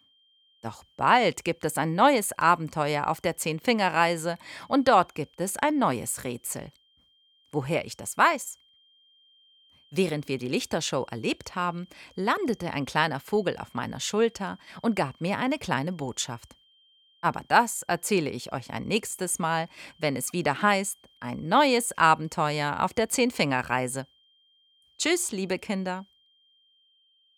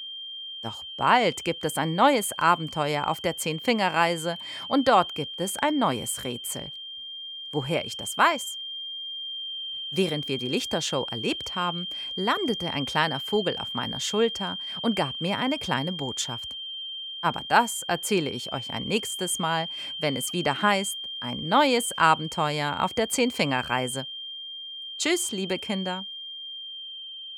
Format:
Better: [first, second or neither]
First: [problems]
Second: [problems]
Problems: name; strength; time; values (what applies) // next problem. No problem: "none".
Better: first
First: high-pitched whine; faint; throughout; 3 kHz, 35 dB below the speech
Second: high-pitched whine; loud; throughout; 3 kHz, 7 dB below the speech